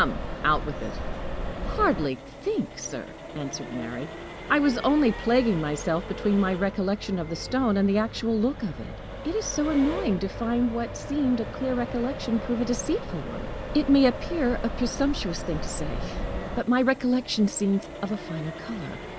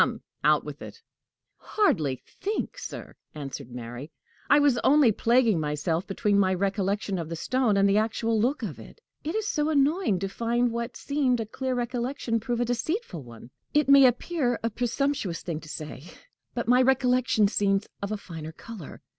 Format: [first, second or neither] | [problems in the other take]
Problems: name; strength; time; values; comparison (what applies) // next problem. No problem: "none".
second | background sound (Accelerating, revving, vroom); 8 dB below the speech